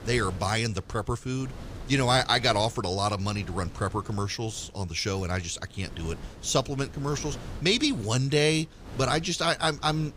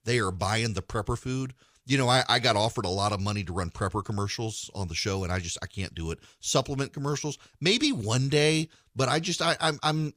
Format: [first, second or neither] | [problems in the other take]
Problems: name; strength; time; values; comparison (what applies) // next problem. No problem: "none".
second | wind noise on the microphone; occasional gusts; 20 dB below the speech